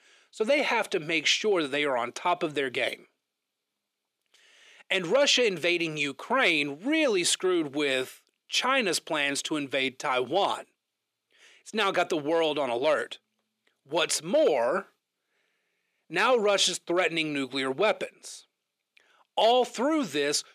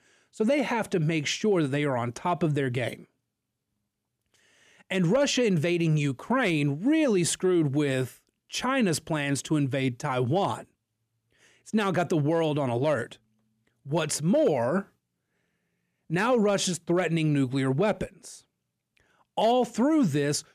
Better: second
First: thin; somewhat; fading below 450 Hz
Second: none

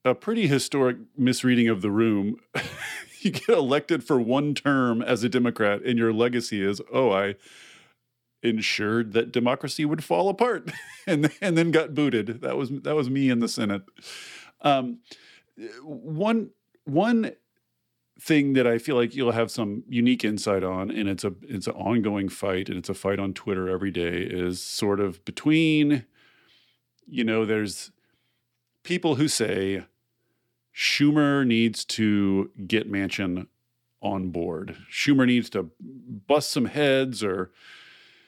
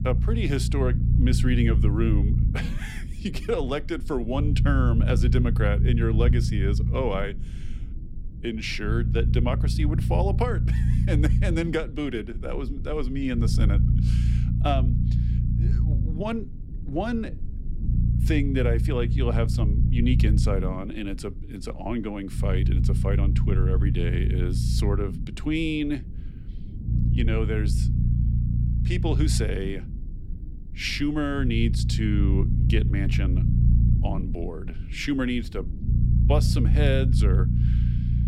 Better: first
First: none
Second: low rumble; loud; throughout; 7 dB below the speech

